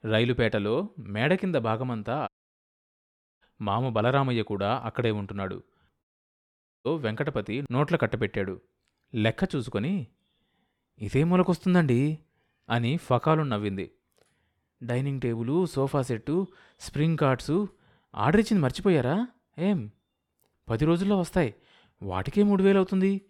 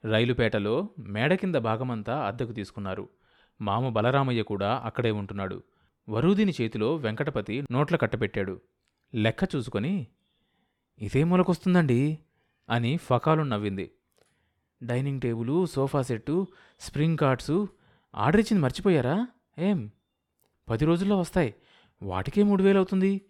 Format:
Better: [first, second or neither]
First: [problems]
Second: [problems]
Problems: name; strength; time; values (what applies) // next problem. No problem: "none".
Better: second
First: audio cutting out; at 2.5 s for 1 s and at 6 s for 1 s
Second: none